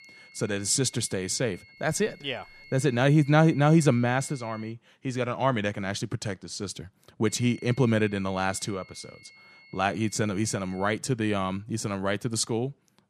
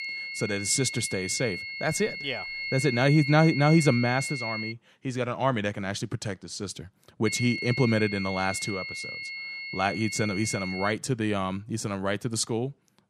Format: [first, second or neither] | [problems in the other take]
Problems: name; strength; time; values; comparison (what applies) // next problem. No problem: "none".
first | high-pitched whine; loud; until 4.5 s and from 7.5 to 11 s; 2 kHz, 6 dB below the speech; faint in the first